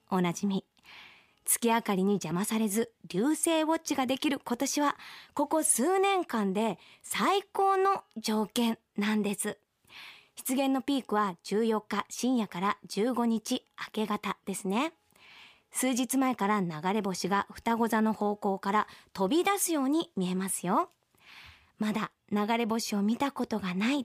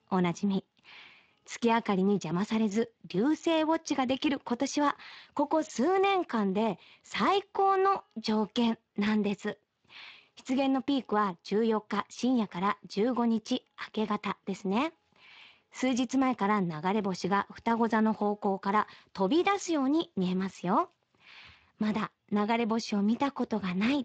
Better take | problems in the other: first | garbled, watery; slightly; nothing above 7.5 kHz

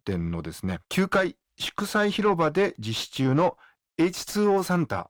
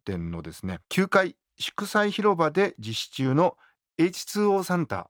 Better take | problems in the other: second | distortion; slight; 10 dB below the speech

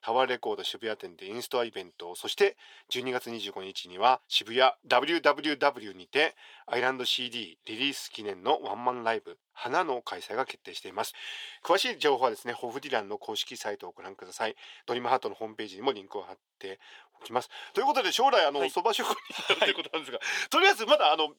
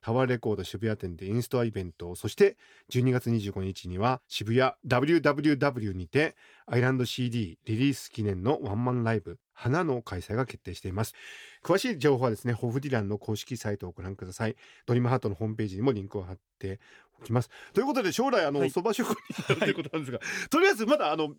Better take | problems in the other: second | thin; very; fading below 550 Hz

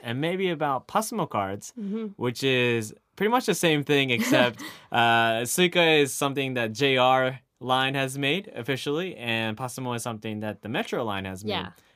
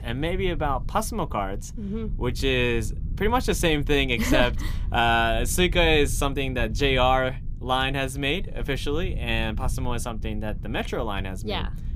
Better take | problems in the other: first | low rumble; faint; throughout; 25 dB below the speech

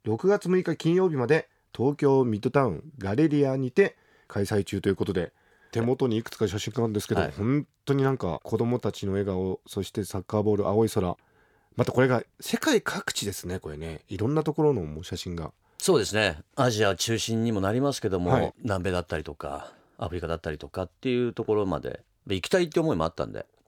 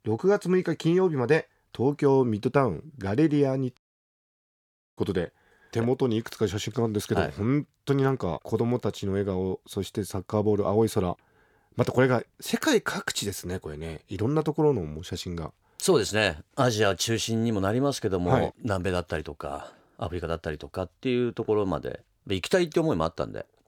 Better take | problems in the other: first | audio cutting out; at 4 s for 1 s

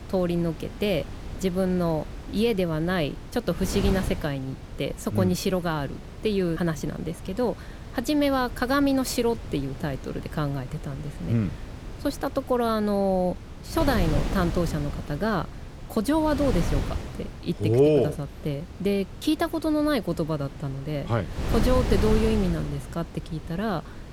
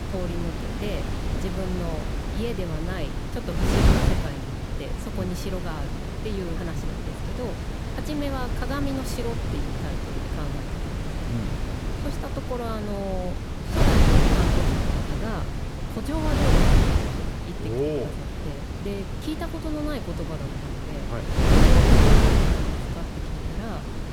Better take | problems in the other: first | wind noise on the microphone; heavy; 4 dB above the speech; occasional gusts in the first

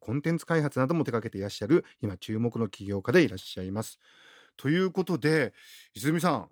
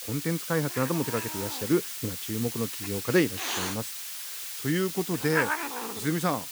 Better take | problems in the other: first | hiss; loud; throughout; 3 dB below the speech

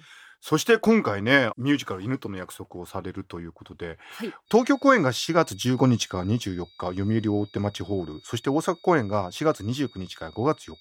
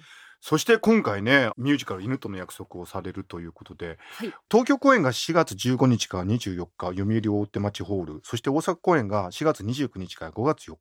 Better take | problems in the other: second | high-pitched whine; faint; from 4.5 s on; 3.5 kHz, 25 dB below the speech

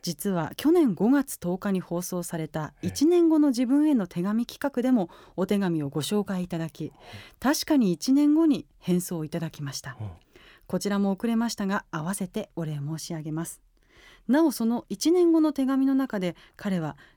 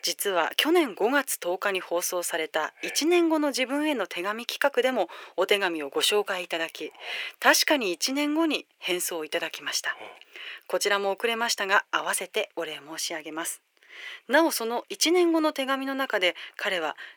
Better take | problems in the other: first | thin; very; fading below 450 Hz

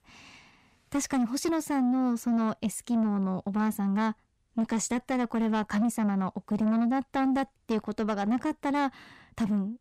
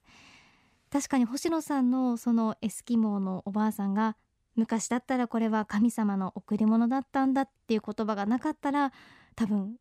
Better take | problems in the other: second | distortion; slight; 10 dB below the speech

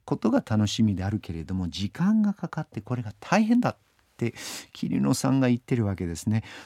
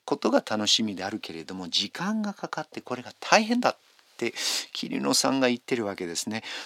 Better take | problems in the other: first | thin; somewhat; fading below 400 Hz

